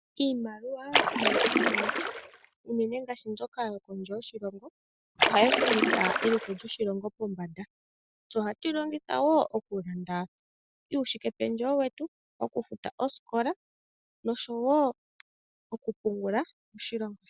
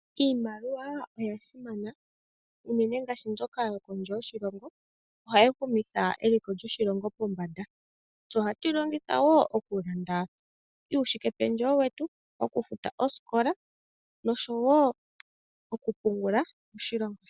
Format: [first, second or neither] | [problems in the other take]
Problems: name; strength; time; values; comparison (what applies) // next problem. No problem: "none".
second | background sound (Splash, splatter); 4 dB above the speech